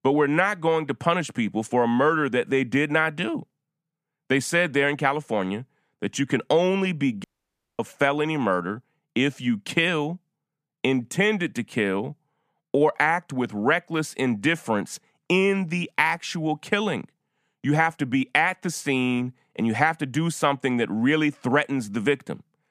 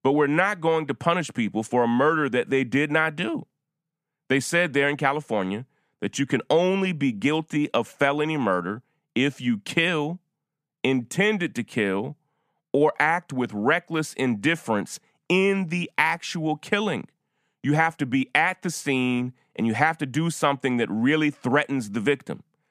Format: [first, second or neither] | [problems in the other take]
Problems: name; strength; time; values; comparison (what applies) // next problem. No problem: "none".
second | audio cutting out; at 7 s for 0.5 s